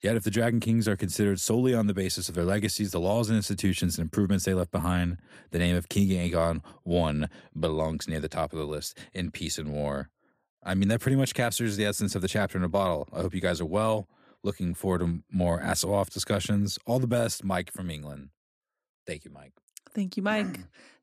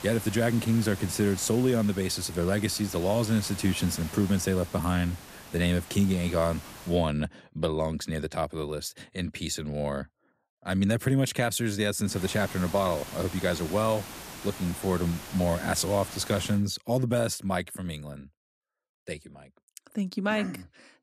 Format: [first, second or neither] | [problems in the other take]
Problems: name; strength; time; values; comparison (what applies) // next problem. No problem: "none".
first | hiss; noticeable; until 7 s and from 12 to 17 s; 15 dB below the speech